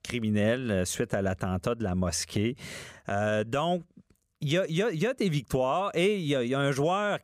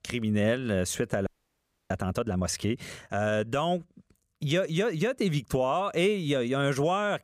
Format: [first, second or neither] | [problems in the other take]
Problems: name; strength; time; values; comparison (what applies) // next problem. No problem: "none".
first | audio freezing; at 1.5 s for 0.5 s